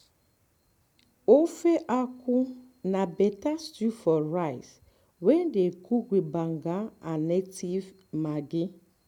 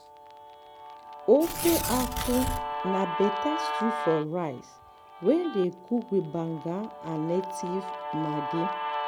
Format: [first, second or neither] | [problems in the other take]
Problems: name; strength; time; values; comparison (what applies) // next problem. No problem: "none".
first | background sound (Guitar + Tearing); 5 dB below the speech